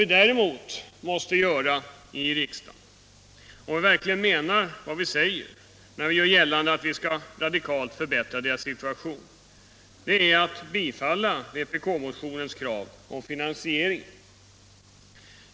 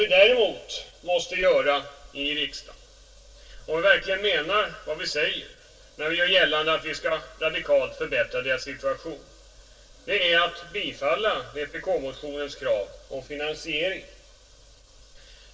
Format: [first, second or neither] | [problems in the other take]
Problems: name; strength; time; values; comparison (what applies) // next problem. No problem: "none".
first | room echo; dies away in 0.2 s